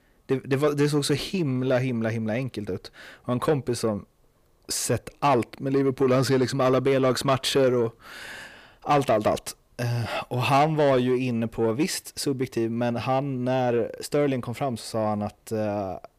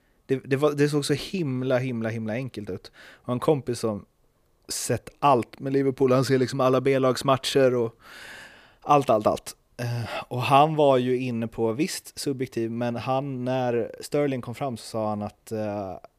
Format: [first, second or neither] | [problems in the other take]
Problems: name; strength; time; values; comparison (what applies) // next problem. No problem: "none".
second | distortion; slight; 10 dB below the speech